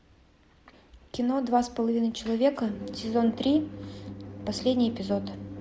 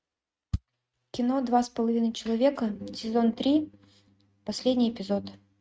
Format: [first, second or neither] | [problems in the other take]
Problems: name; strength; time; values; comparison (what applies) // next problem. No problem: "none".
first | noise reduction (neural mask model RNNoise)